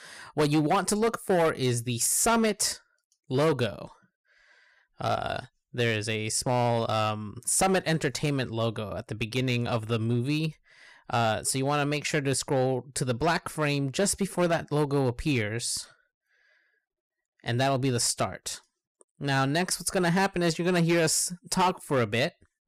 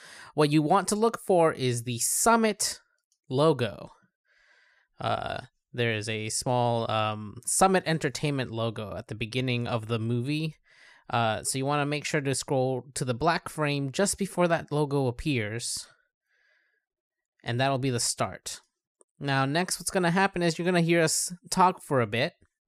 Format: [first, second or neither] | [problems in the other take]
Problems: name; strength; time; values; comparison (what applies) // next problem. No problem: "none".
second | distortion; slight; 5% of the sound clipped